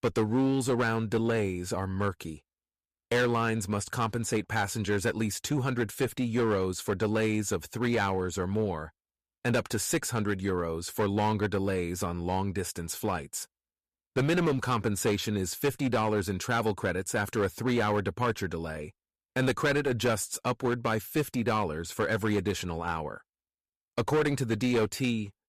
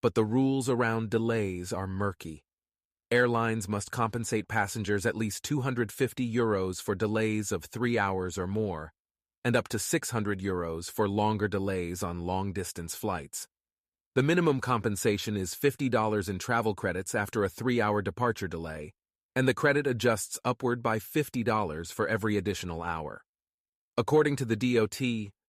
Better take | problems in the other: second | distortion; slight; 9% of the sound clipped

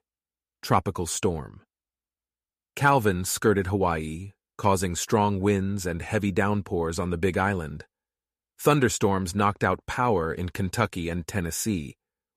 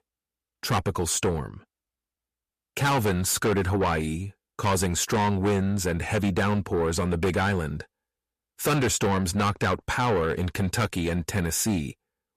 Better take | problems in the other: first | distortion; heavy; 6 dB below the speech

